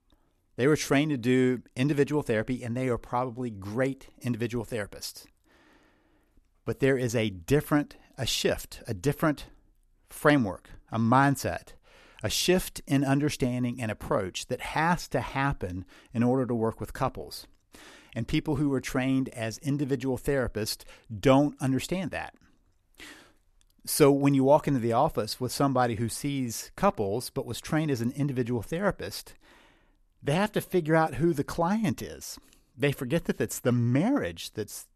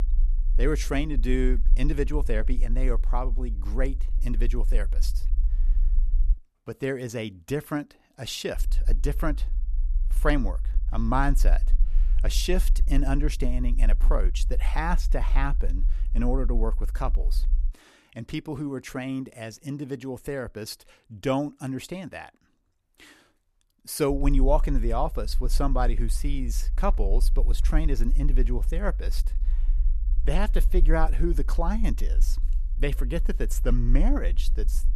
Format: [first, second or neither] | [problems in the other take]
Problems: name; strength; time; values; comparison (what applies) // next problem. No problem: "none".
first | low rumble; faint; until 6.5 s, from 8.5 to 18 s and from 24 s on; 20 dB below the speech